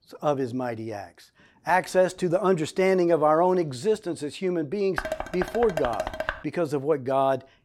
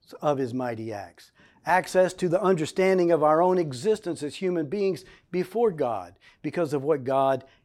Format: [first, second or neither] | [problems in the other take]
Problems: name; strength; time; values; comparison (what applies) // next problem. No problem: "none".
second | clattering dishes; noticeable; from 5 to 6.5 s; peak 5 dB below the speech